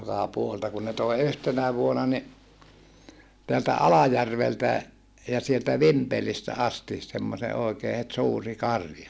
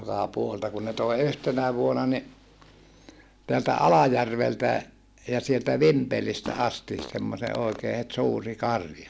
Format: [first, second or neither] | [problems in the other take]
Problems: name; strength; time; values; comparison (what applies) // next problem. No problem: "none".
first | background sound (Fart); 15 dB below the speech